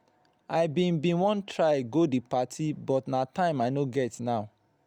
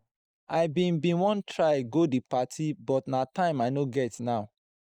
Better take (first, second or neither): first